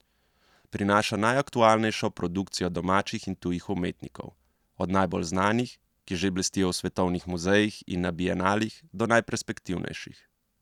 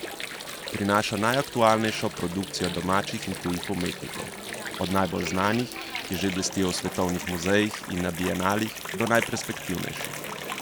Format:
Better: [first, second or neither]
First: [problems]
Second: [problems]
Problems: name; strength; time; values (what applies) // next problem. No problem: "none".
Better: first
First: none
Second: background sound (Water); 8 dB below the speech